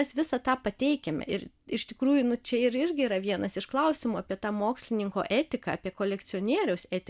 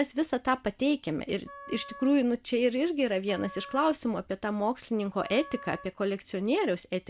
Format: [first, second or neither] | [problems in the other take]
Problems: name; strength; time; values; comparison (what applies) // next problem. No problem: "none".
first | background sound (Wind instrument, woodwind instrument); 20 dB below the speech